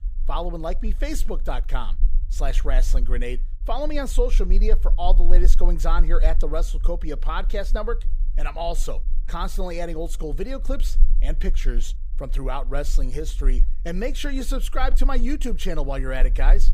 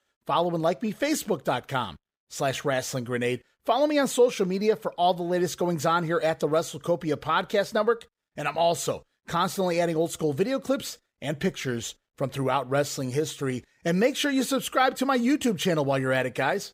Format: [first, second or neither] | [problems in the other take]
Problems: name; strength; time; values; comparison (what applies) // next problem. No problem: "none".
second | low rumble; faint; throughout; 25 dB below the speech